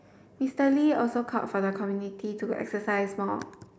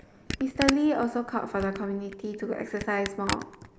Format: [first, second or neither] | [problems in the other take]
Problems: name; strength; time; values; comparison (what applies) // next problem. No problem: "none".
first | background sound (Camera); 8 dB below the speech